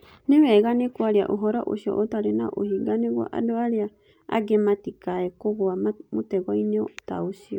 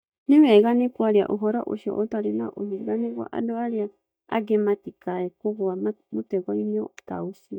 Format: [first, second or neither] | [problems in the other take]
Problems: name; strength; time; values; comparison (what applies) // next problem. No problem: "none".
first | noise reduction (neural mask model DeepFilterNet 3)